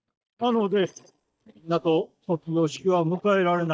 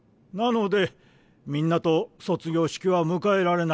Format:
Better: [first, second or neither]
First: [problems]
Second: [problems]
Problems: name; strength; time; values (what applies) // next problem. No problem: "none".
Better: second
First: noise reduction (neural mask model DeepFilterNet 3)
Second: none